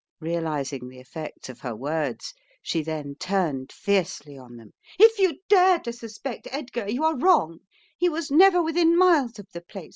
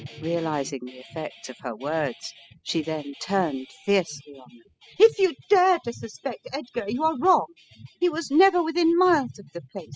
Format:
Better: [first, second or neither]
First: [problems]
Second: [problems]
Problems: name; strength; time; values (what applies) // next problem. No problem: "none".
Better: first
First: none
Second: noise reduction (classical method spectral subtraction)